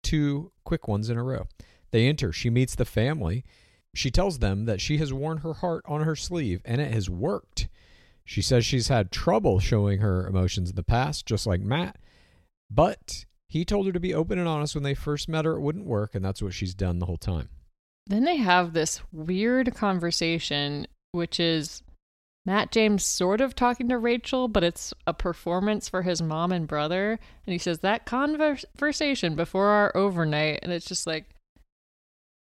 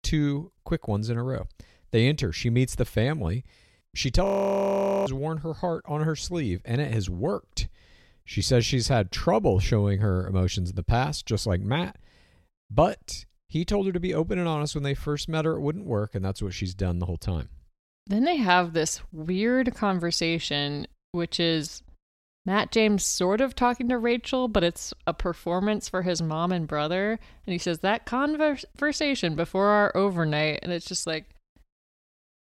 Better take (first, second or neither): first